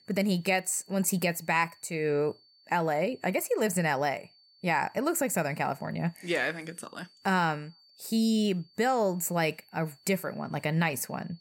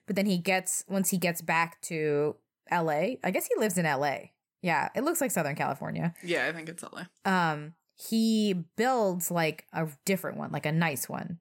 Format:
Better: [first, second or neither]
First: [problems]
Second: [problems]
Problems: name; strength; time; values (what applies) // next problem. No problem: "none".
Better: second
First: high-pitched whine; faint; throughout; 4.5 kHz, 30 dB below the speech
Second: none